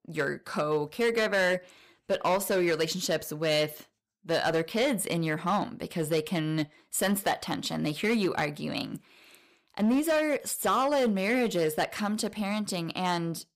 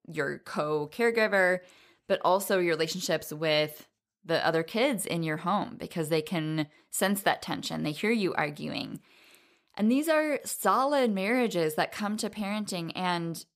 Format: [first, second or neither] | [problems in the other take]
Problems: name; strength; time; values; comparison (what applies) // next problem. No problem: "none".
second | distortion; slight; 6% of the sound clipped